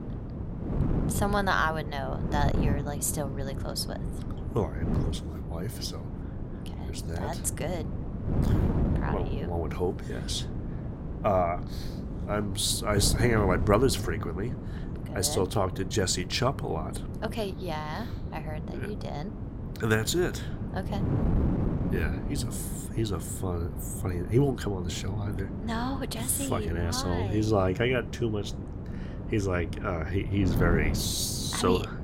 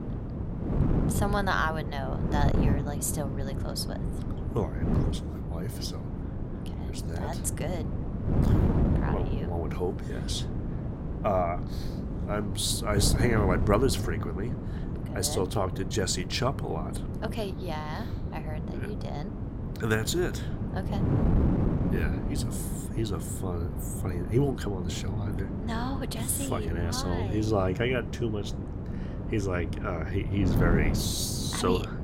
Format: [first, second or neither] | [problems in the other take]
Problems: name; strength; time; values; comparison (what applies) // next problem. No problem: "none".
first | wind noise on the microphone; heavy; 7 dB below the speech; occasional gusts in the first